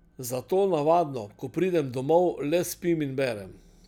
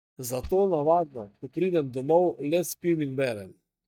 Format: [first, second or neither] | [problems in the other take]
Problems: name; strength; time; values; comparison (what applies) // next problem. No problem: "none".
first | noise reduction (neural mask model DeepFilterNet 3)